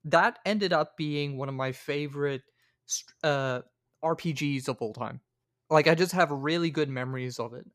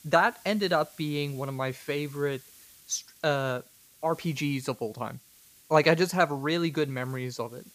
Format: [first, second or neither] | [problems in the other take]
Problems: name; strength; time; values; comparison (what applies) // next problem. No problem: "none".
first | hiss; faint; throughout; 25 dB below the speech